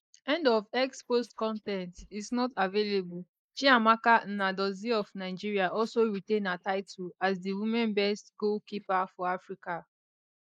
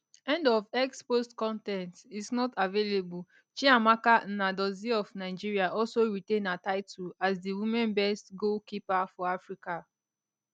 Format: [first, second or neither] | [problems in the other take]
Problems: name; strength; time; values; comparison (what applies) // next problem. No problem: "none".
second | noise reduction (neural mask model Resemble Enhance denoiser)